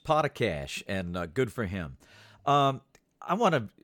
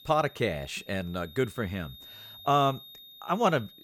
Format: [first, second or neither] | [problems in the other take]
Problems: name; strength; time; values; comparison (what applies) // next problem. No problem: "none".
first | high-pitched whine; noticeable; throughout; 3.5 kHz, 20 dB below the speech